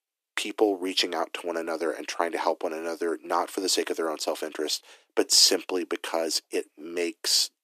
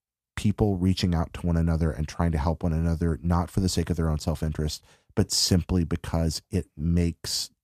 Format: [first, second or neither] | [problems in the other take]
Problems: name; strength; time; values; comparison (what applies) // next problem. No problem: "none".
second | thin; very; fading below 300 Hz